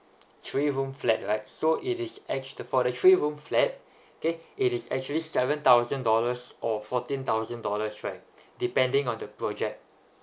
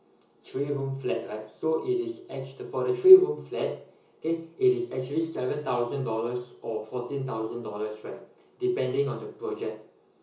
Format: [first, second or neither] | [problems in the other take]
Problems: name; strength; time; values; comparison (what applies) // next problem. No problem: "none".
first | room echo; dies away in 0.6 s